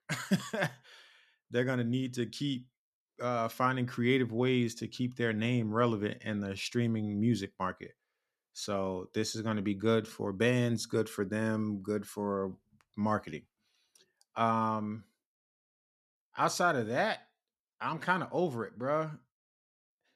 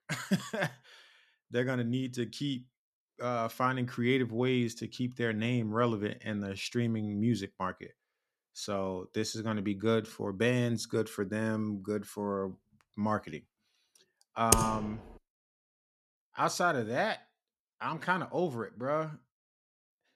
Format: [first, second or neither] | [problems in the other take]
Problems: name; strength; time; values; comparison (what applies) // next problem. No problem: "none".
first | keyboard typing; loud; at 15 s; peak 6 dB above the speech